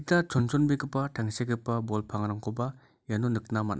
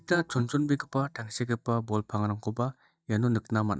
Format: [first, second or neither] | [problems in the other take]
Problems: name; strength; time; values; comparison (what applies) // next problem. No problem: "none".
first | noise reduction (neural mask model DeepFilterNet 3)